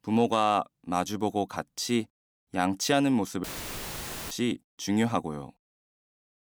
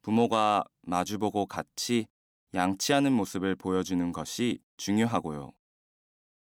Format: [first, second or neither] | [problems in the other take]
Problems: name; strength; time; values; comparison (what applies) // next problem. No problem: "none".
second | audio cutting out; filled with static; at 3.5 s for 1 s